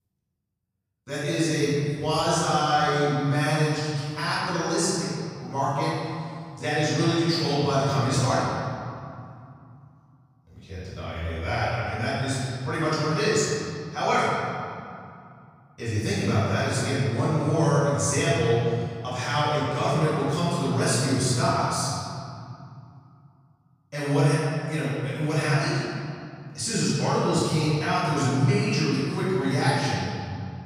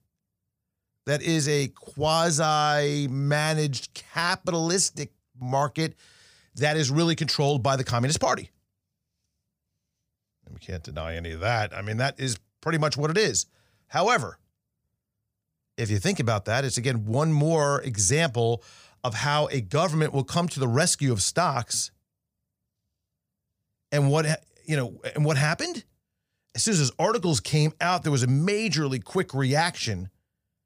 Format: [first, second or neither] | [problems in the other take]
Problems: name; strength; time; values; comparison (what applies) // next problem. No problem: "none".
second | off-mic speech; far // room echo; strong; dies away in 2.2 s